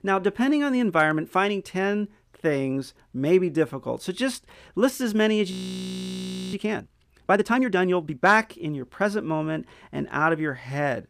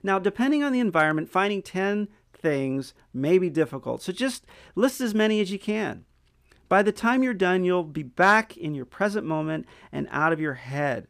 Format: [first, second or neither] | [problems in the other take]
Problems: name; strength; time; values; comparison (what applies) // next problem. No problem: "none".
second | audio freezing; at 5.5 s for 1 s